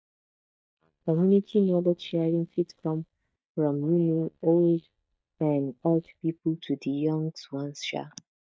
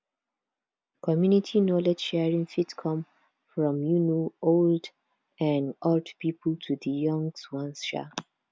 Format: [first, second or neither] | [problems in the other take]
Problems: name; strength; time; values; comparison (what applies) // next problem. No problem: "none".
second | noise reduction (neural mask model DeepFilterNet 3)